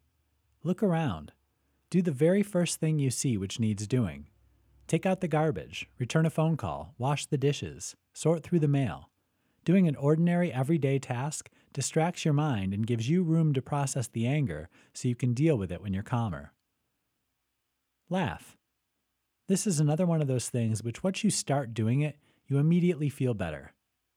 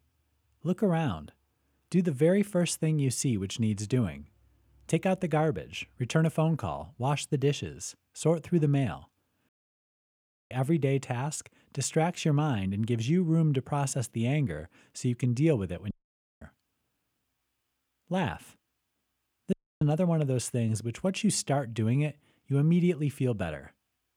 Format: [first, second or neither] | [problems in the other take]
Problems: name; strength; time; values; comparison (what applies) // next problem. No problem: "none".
first | audio cutting out; at 9.5 s for 1 s, at 16 s for 0.5 s and at 20 s